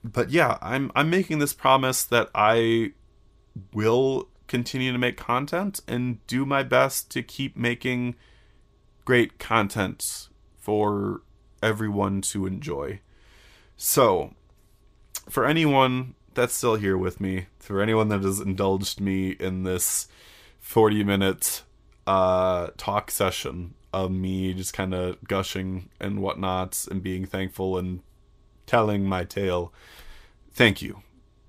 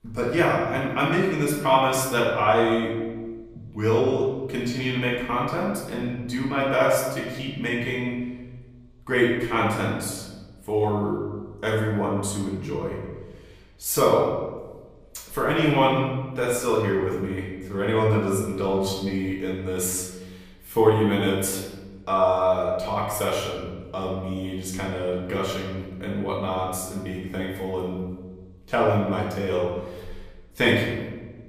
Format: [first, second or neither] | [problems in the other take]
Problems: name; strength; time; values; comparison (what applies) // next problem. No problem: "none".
first | room echo; noticeable; dies away in 1.1 s // off-mic speech; far